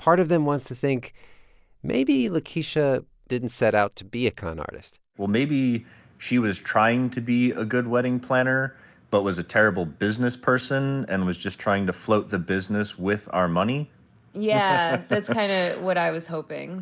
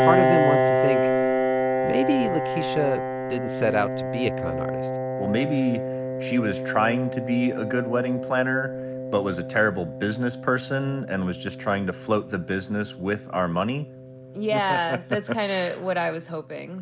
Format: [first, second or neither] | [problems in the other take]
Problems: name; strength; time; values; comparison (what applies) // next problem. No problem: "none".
first | background sound (Piano); 1 dB below the speech